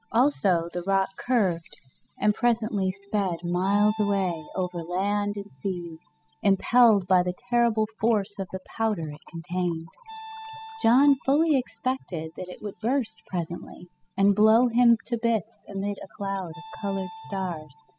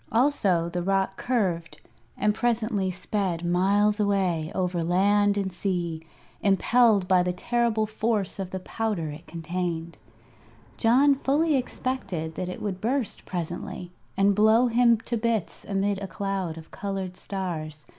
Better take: second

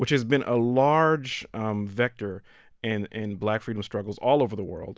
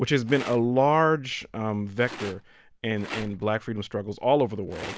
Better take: first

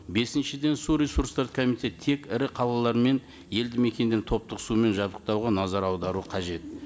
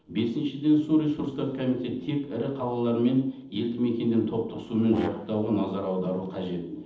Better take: first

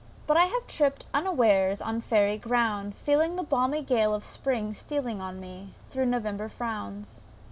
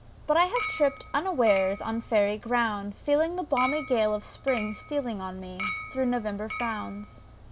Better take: first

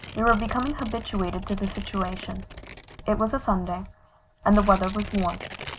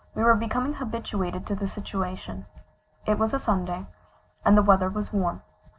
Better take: second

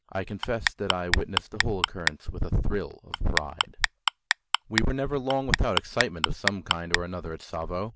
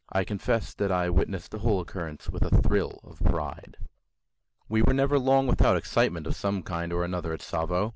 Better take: second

